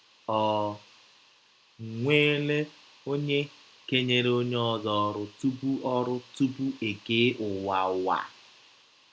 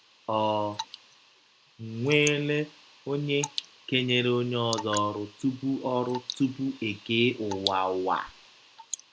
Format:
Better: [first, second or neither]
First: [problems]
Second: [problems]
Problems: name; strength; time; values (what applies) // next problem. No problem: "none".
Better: first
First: none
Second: background sound (Drip / Water); 13 dB below the speech